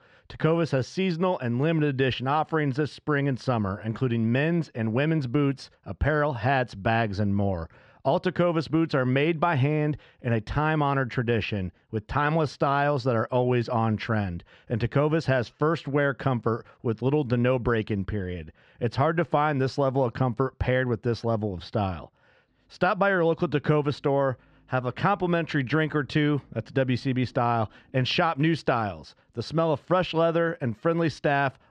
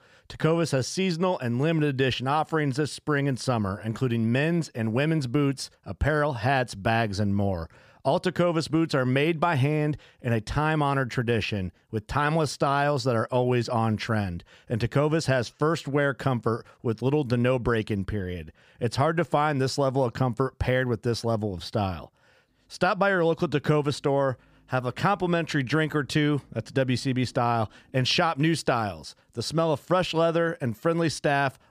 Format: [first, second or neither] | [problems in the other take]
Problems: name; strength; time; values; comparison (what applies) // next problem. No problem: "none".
second | muffled; very slightly; fading above 3.5 kHz